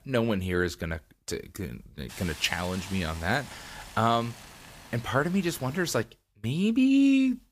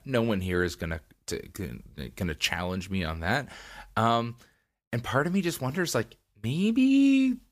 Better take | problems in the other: second | hiss; noticeable; from 2 to 6 s; 15 dB below the speech

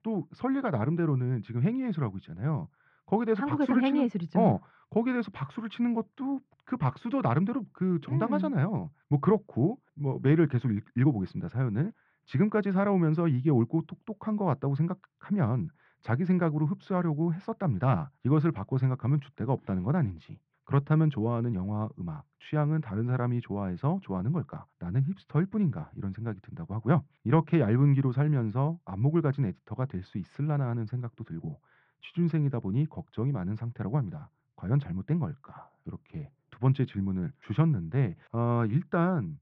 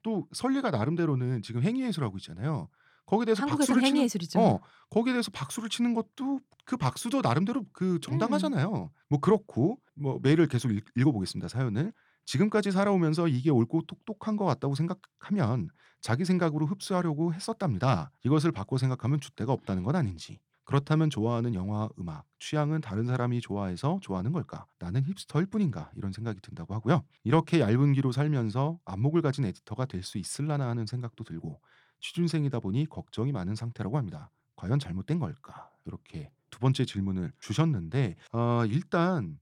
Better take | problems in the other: second | muffled; very; fading above 2.5 kHz

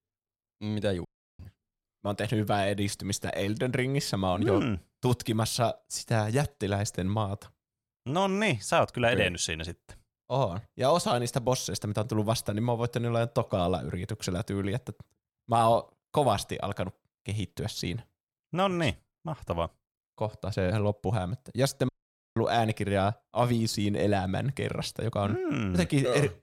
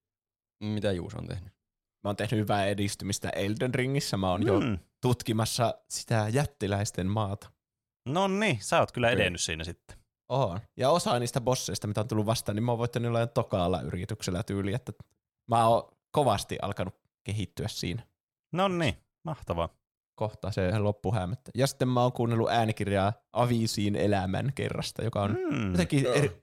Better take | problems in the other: second | audio cutting out; at 1 s and at 22 s

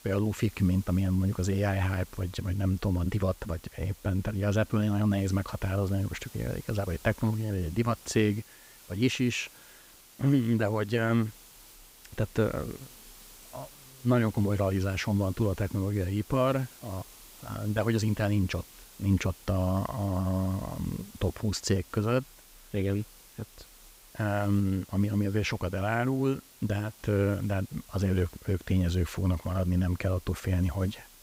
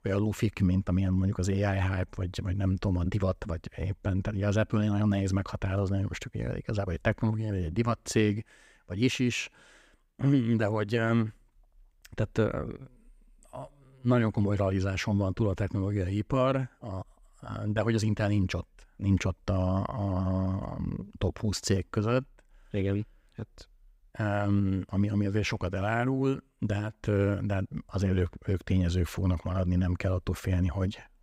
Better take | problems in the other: second | hiss; faint; throughout; 20 dB below the speech

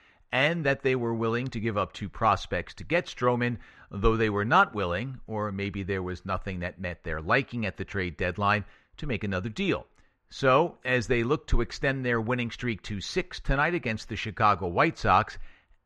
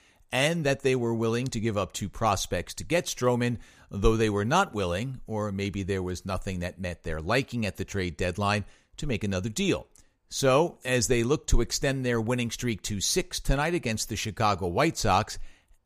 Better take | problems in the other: second | muffled; slightly; fading above 3 kHz

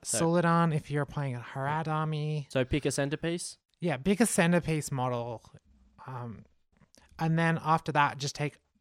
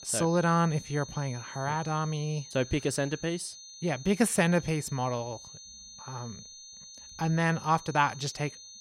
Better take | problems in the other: first | high-pitched whine; noticeable; throughout; 6 kHz, 15 dB below the speech

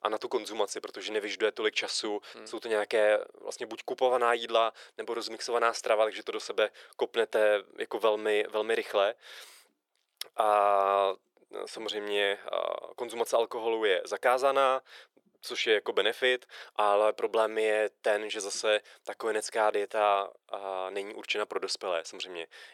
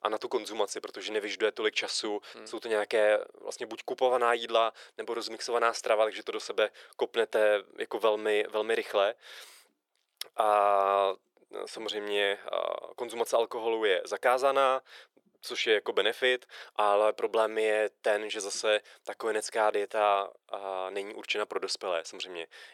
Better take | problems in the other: neither | thin; very; fading below 400 Hz; the same in both

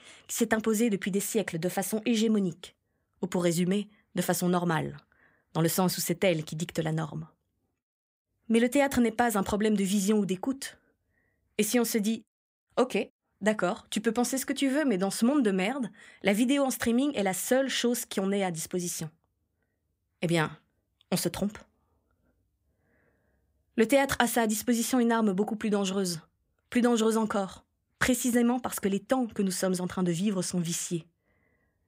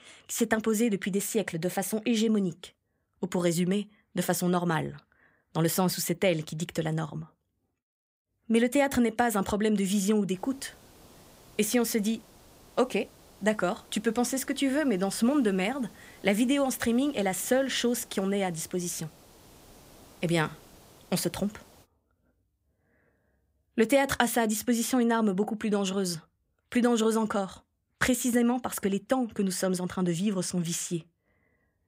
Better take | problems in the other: first | hiss; faint; from 10 to 22 s; 25 dB below the speech

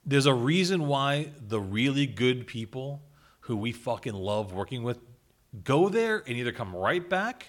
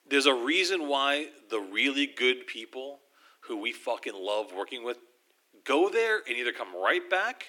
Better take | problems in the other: first | thin; somewhat; fading below 300 Hz

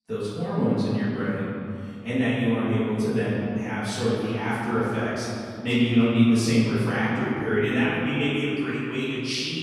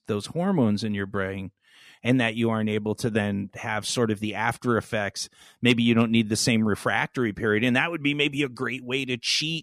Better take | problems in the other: second | off-mic speech; far // room echo; strong; dies away in 2.7 s

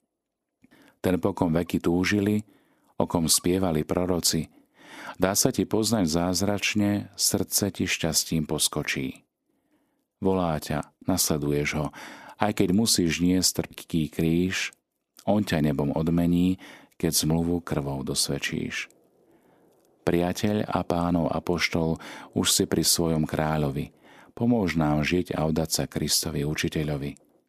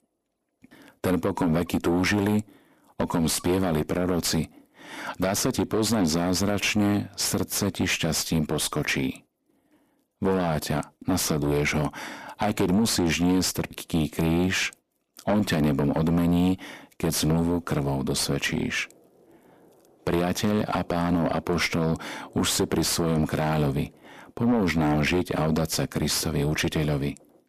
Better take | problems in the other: first | distortion; heavy; 7 dB below the speech

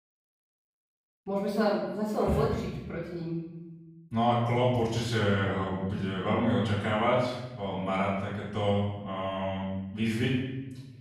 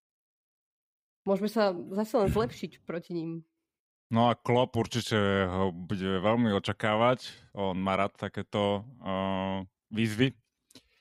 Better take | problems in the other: second | off-mic speech; far // room echo; noticeable; dies away in 1 s

